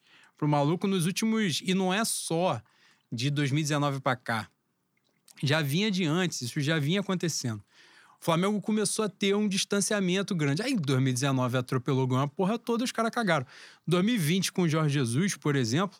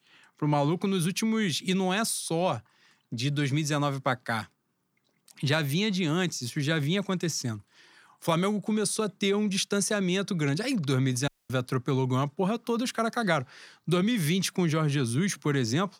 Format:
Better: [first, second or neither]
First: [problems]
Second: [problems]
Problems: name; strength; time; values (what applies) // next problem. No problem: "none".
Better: first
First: none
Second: audio cutting out; at 11 s